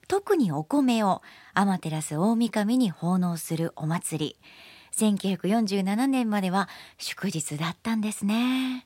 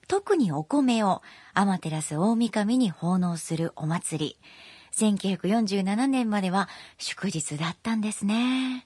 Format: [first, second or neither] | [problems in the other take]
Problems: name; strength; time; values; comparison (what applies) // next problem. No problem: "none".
first | garbled, watery; slightly; nothing above 10.5 kHz